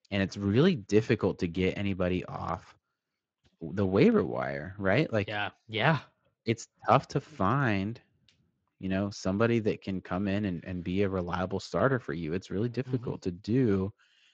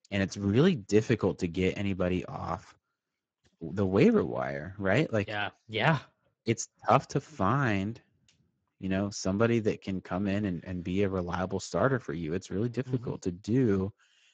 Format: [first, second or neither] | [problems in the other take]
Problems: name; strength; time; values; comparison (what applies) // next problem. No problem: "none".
first | garbled, watery; badly; slightly in the first